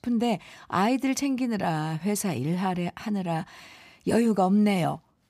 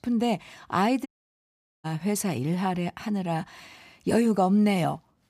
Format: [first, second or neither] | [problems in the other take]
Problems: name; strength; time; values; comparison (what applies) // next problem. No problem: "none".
first | audio cutting out; at 1 s for 1 s